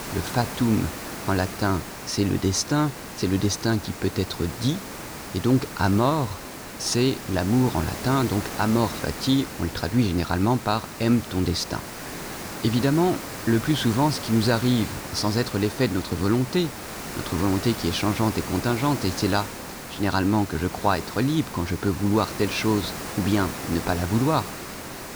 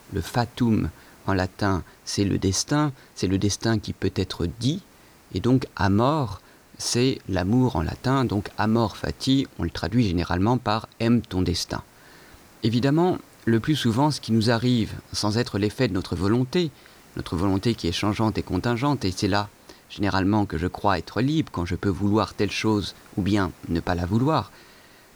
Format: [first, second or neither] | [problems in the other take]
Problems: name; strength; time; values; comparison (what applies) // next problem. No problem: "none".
second | hiss; loud; throughout; 9 dB below the speech; faint in the second